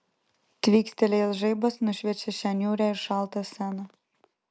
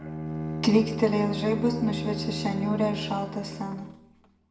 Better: first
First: none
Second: background sound (Bowed string instrument); 6 dB below the speech // room echo; dies away in 0.7 s

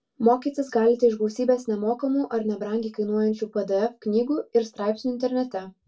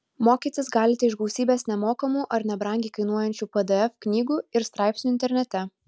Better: second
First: room echo; dies away in 0.2 s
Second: none

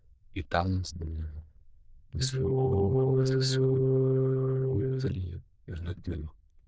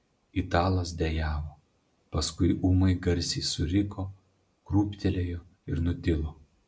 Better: second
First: noise reduction (neural diffusion model UNIVERSE++)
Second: none

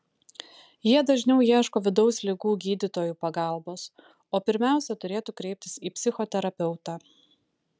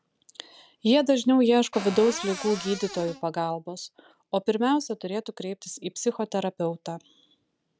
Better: first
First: none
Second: background sound (Cupboard open or close); 11 dB below the speech

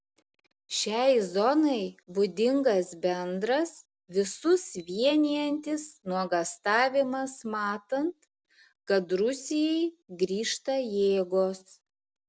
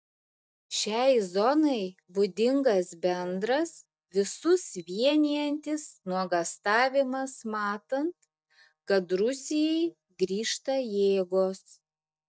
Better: first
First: none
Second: noise reduction (neural mask model DeepFilterNet 3)

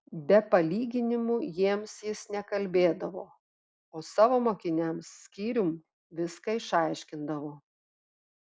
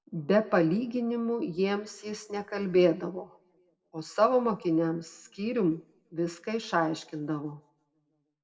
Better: first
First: none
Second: room echo; dies away in 0.6 s

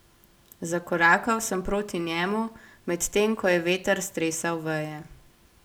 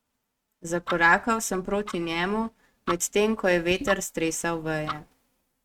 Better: first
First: none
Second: noise reduction (neural mask model RNNoise)

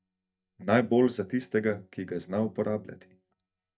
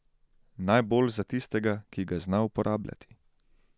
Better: second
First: noise reduction (neural mask model DeepFilterNet 3)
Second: none

